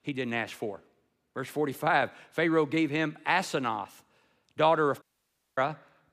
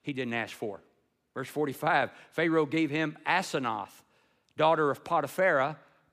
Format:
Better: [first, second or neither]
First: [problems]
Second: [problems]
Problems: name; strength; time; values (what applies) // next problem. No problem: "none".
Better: second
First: audio cutting out; at 5 s for 0.5 s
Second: none